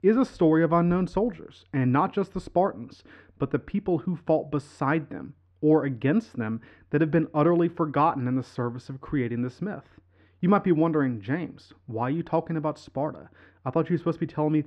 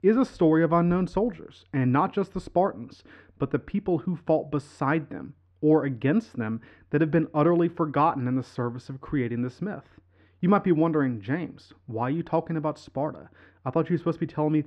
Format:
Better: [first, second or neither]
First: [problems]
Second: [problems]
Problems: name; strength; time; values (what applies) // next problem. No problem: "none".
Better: neither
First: muffled; very; fading above 1.5 kHz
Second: muffled; very; fading above 1.5 kHz